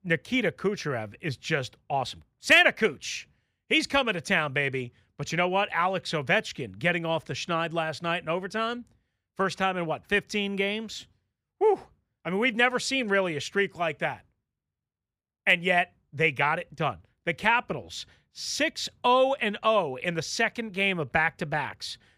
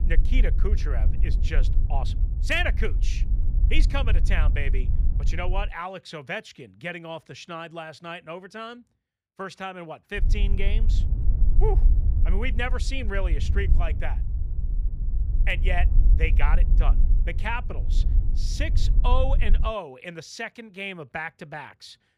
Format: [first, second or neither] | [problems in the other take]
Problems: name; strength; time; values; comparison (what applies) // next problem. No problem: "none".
first | low rumble; noticeable; until 5.5 s and from 10 to 20 s; 15 dB below the speech